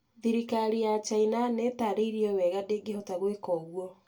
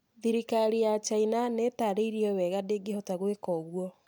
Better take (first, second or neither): second